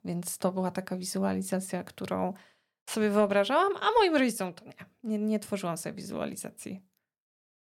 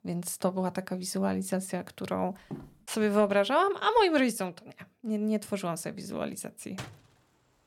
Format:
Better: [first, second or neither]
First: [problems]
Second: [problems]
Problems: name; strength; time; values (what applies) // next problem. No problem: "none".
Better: first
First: none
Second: footsteps; faint; at 2.5 s; peak 15 dB below the speech // door banging; faint; at 7 s; peak 15 dB below the speech